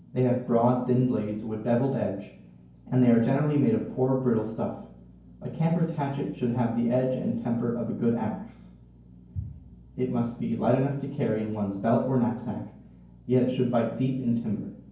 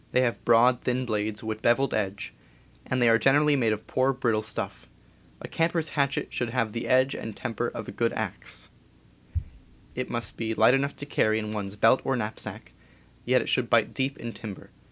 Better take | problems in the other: second | room echo; dies away in 0.9 s

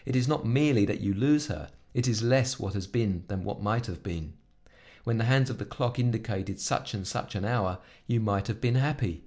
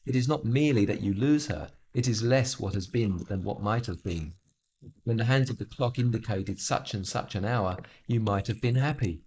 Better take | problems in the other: first | noise reduction (neural mask model Resemble Enhance denoiser)

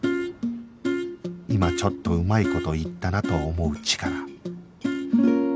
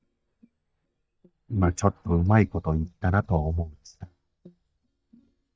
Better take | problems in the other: first | noise reduction (neural mask model DeepFilterNet 3)

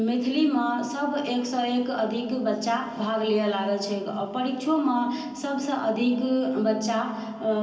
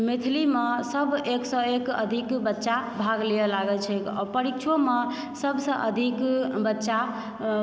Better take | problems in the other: second | room echo; dies away in 0.4 s

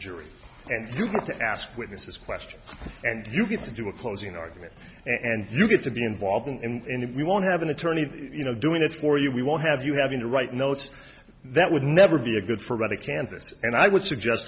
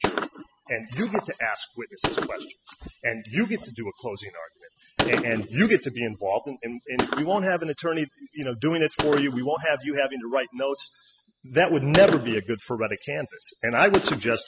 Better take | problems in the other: first | noise reduction (classical method spectral subtraction)

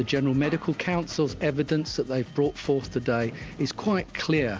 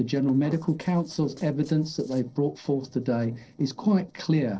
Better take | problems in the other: first | noise reduction (neural separator model SepFormer DNS4)

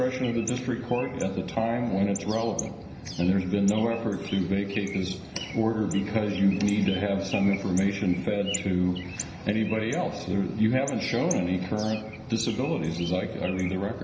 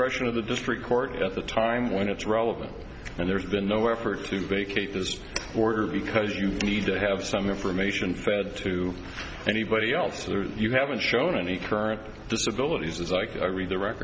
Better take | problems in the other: second | background sound (Bird); 15 dB below the speech // room echo; dies away in 0.9 s

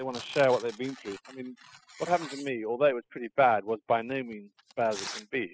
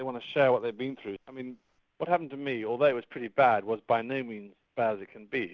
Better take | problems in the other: second | noise reduction (classical method spectral subtraction)

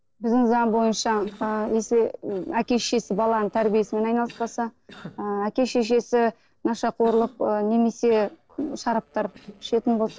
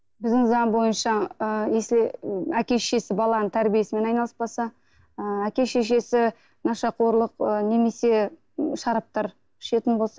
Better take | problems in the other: second | noise reduction (neural separator model SepFormer DNS4)

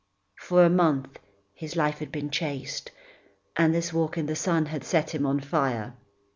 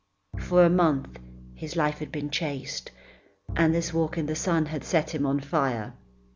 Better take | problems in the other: first | background sound (Bowed string instrument); 15 dB below the speech

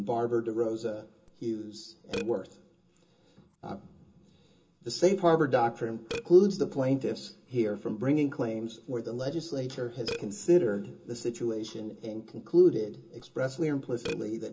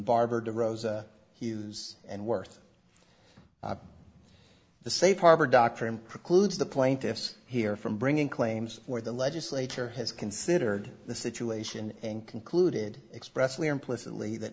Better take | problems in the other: second | background sound (Burping, eructation); 18 dB below the speech // room echo; dies away in 0.2 s

